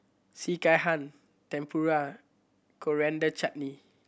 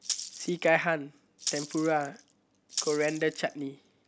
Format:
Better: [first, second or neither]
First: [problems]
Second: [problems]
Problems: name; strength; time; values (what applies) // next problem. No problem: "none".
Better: first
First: none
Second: background sound (Rattle (instrument)); 9 dB below the speech